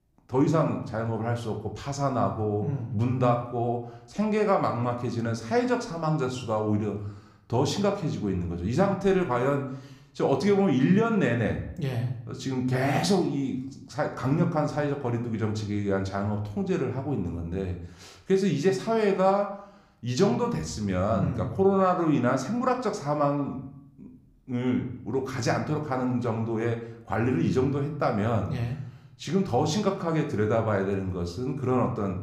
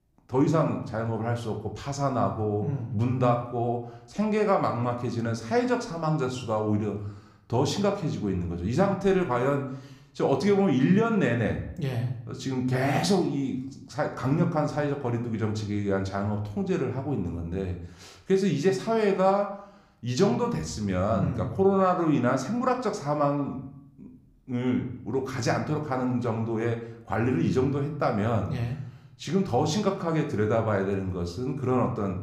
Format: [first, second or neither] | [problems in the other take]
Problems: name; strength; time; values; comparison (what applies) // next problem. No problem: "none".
neither | room echo; slight; dies away in 0.5 s; the same in both